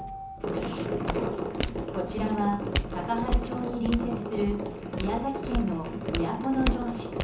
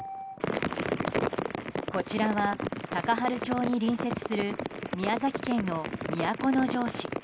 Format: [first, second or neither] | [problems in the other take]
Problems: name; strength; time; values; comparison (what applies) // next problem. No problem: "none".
second | background sound (Walk, footsteps); 4 dB below the speech // room echo; dies away in 0.8 s